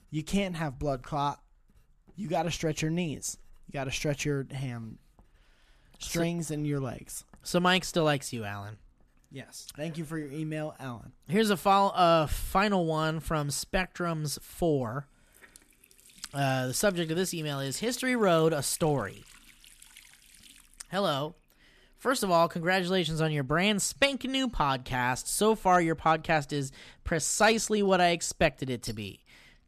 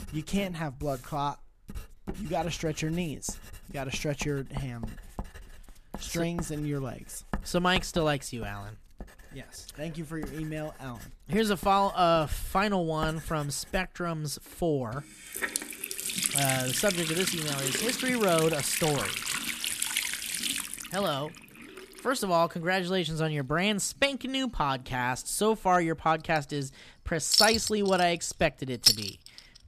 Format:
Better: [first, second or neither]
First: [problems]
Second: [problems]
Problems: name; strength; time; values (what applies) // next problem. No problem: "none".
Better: first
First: household noises; faint; throughout; 25 dB below the speech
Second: household noises; loud; throughout; 1 dB below the speech